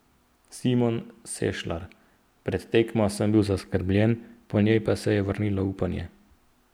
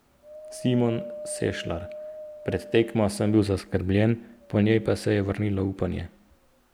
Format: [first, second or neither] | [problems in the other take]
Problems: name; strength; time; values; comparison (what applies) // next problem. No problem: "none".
first | background sound (Wind); 16 dB below the speech